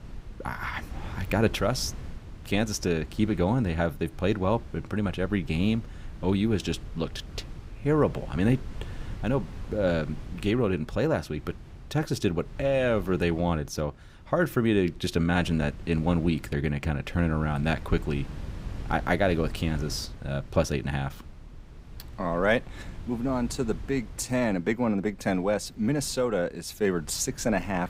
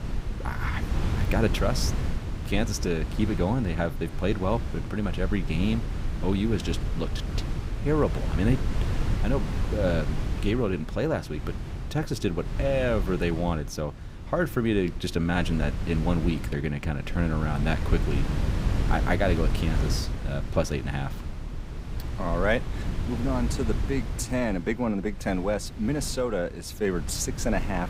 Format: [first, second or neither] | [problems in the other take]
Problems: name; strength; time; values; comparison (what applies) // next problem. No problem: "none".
first | wind noise on the microphone; heavy; 10 dB below the speech; occasional gusts in the first